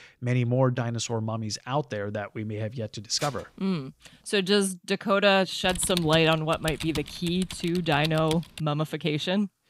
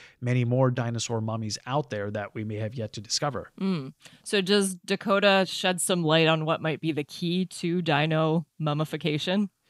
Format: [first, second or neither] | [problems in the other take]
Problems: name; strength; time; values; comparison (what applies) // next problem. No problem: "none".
second | clattering dishes; faint; at 3 s; peak 15 dB below the speech // keyboard typing; noticeable; from 5.5 to 8.5 s; peak 6 dB below the speech